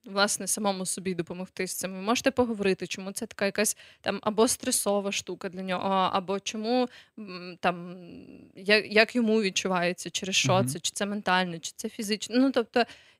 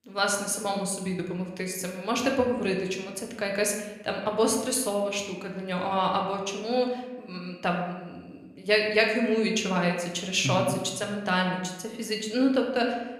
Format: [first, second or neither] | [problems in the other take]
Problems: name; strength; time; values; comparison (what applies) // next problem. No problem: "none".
first | room echo; slight; dies away in 0.9 s